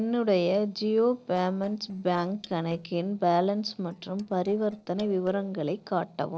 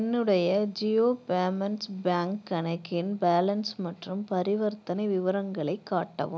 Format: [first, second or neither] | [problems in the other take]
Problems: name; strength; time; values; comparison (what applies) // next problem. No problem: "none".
second | noise reduction (neural separator model SepFormer DNS4)